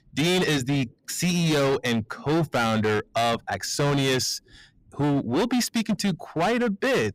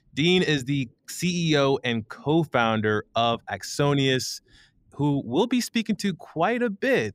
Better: second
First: distortion; heavy; 23% of the sound clipped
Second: none

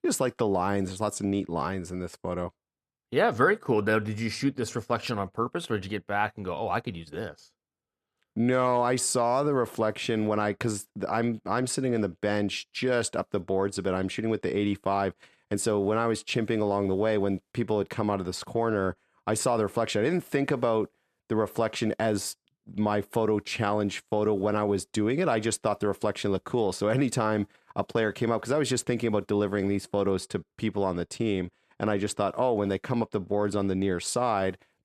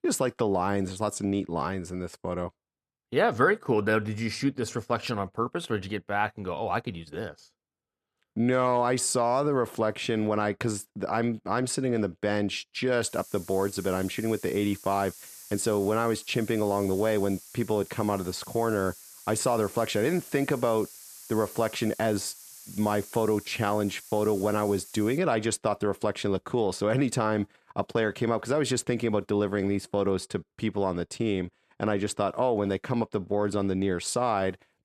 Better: first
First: none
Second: hiss; noticeable; from 13 to 25 s; 15 dB below the speech

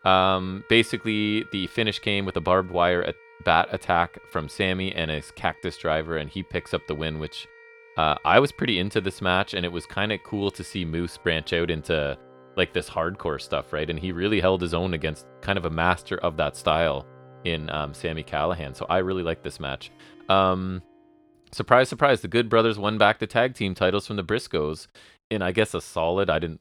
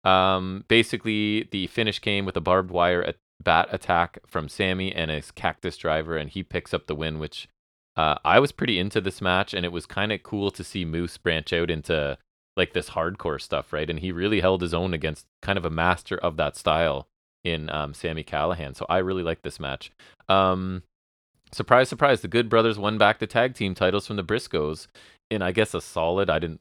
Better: second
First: background music; faint; until 21 s; 25 dB below the speech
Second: none

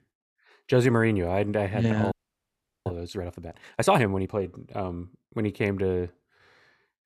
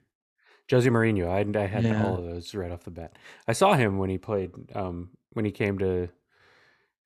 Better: second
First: audio freezing; at 2 s for 0.5 s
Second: none

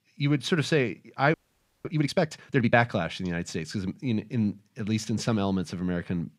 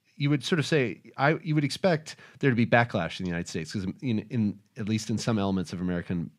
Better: second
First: audio freezing; at 1.5 s for 0.5 s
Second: none

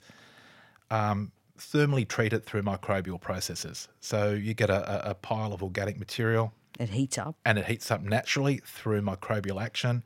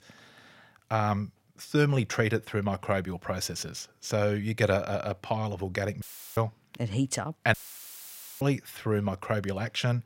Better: first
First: none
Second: audio cutting out; filled with static; at 6 s and at 7.5 s for 1 s

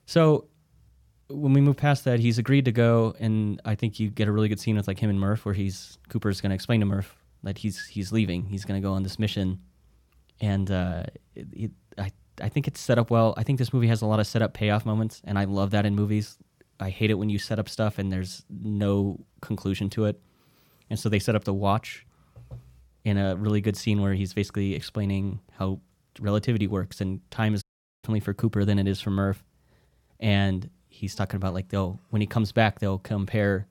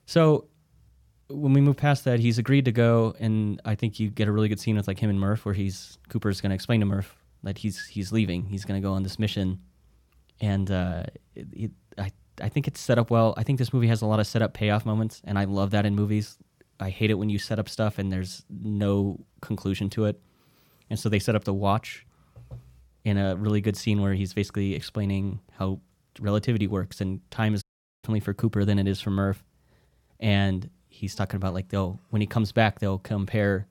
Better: neither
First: audio cutting out; at 28 s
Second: audio cutting out; at 28 s

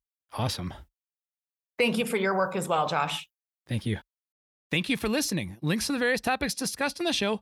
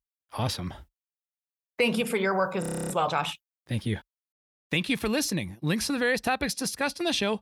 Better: first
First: none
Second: audio freezing; at 2.5 s

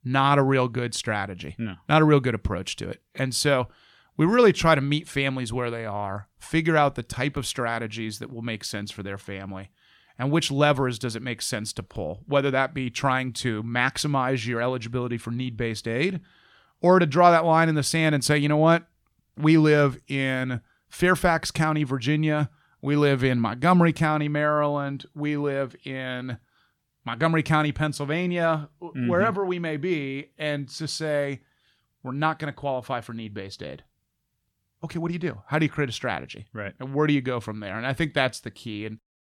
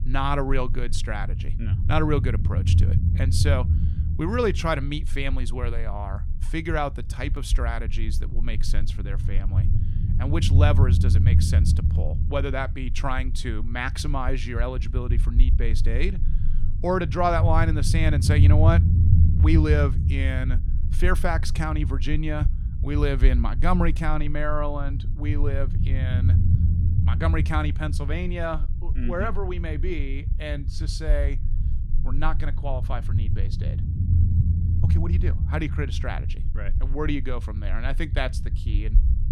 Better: first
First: none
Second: low rumble; noticeable; throughout; 10 dB below the speech

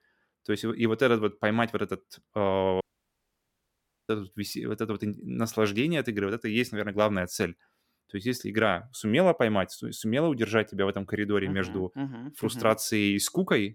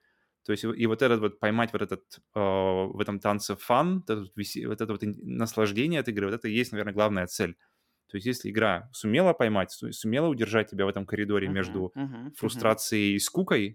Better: second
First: audio cutting out; at 3 s for 1.5 s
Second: none

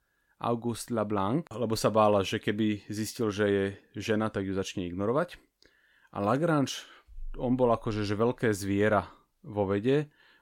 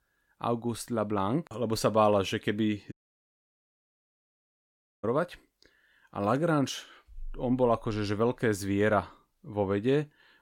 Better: first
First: none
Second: audio cutting out; at 3 s for 2 s

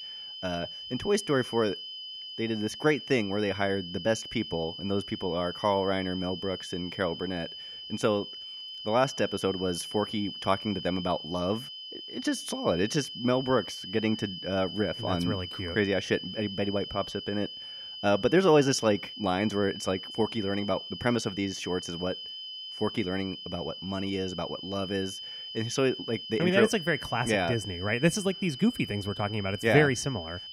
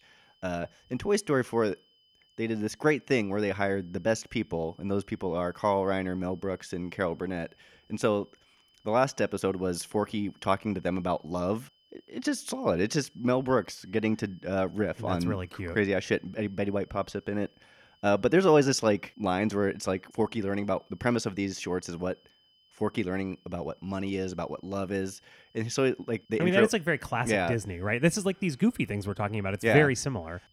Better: second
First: high-pitched whine; loud; throughout; 3 kHz, 9 dB below the speech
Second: high-pitched whine; faint; throughout; 3 kHz, 35 dB below the speech

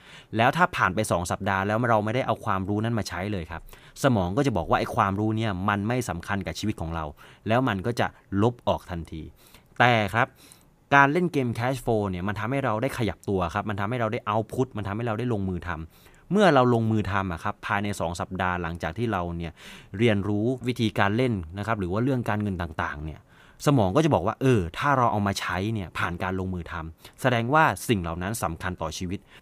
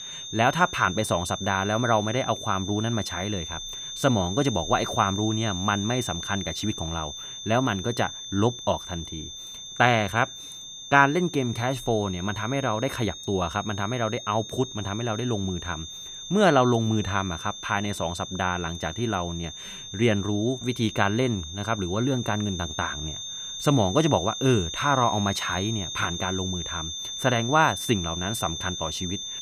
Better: first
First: none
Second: high-pitched whine; loud; throughout; 3.5 kHz, 8 dB below the speech

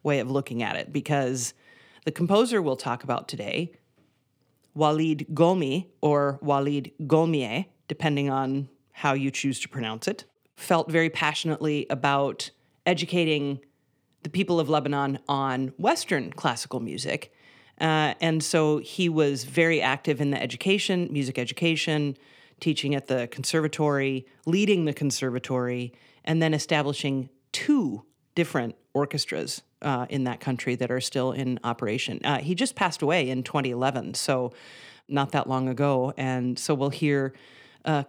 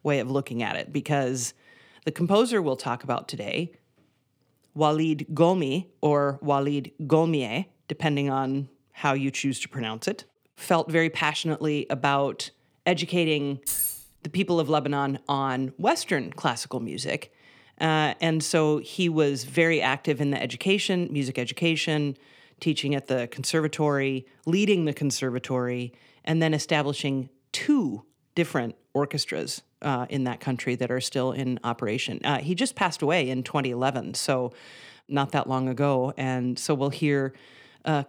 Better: first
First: none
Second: jangling keys; loud; at 14 s; peak 1 dB above the speech

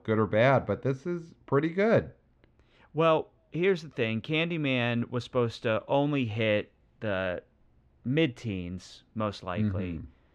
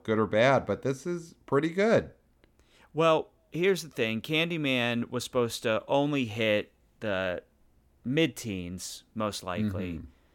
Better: second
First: muffled; slightly; fading above 3.5 kHz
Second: none

